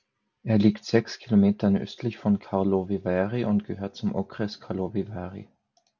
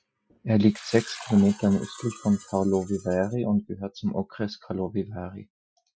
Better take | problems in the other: first | noise reduction (classical method Wiener filter)

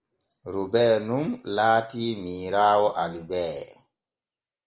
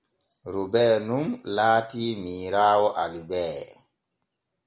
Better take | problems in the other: second | noise reduction (neural mask model Resemble Enhance denoiser)

